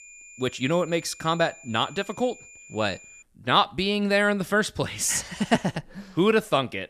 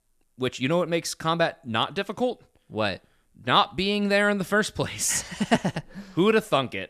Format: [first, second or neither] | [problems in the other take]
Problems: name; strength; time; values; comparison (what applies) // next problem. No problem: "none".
second | high-pitched whine; faint; until 3 s; 2.5 kHz, 20 dB below the speech